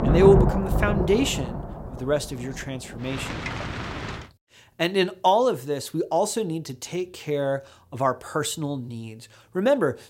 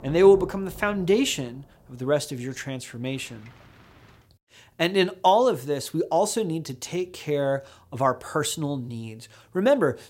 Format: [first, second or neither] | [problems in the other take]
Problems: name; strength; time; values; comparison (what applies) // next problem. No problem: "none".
second | rain or running water; loud; until 4 s; 2 dB below the speech; faint in the second